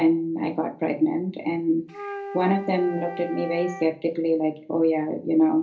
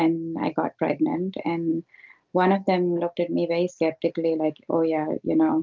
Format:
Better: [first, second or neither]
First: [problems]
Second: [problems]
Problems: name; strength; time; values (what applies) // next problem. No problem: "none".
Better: second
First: background sound (Wind instrument, woodwind instrument); 13 dB below the speech // room echo; dies away in 0.3 s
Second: none